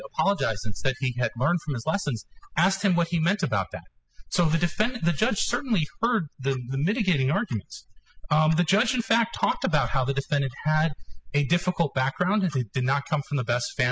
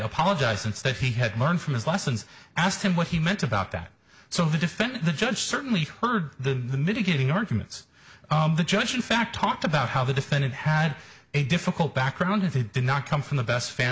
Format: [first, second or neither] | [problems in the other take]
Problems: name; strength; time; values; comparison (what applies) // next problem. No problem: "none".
second | noise reduction (classical method spectral subtraction)